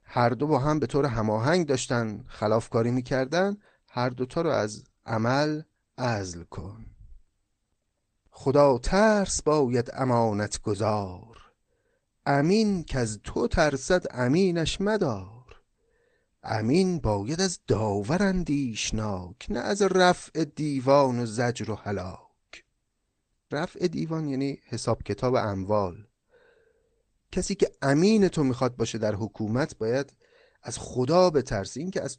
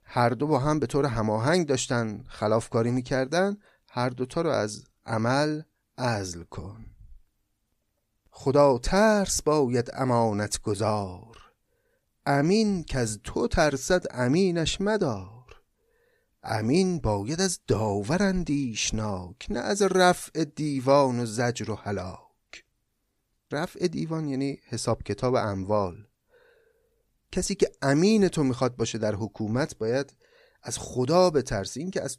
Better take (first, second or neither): second